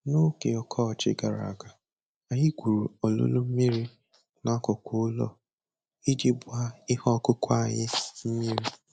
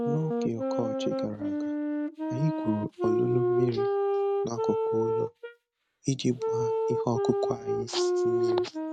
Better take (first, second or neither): first